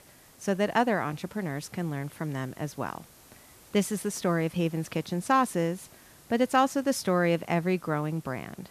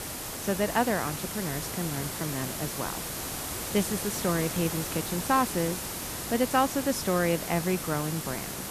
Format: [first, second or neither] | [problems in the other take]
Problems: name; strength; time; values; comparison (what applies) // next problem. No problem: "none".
first | hiss; loud; throughout; 4 dB below the speech; faint in the first